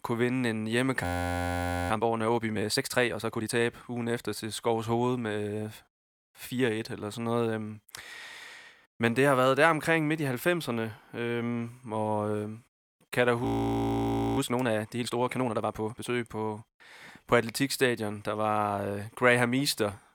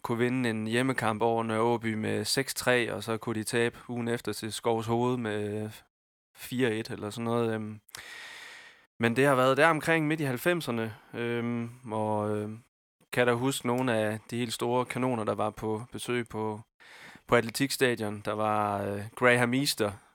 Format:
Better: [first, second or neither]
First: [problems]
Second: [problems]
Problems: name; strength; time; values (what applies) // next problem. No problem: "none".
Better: second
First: audio freezing; at 1 s for 1 s and at 13 s for 1 s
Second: none